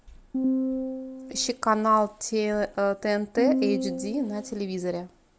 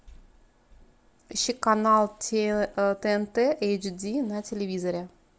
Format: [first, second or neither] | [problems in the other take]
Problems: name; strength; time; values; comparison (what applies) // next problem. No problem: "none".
second | background sound (Piano); 3 dB below the speech